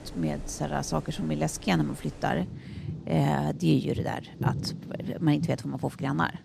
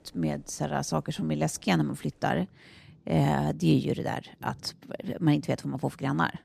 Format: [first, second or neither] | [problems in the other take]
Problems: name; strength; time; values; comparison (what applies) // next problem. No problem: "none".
second | rain or running water; loud; throughout; 10 dB below the speech; faint in the second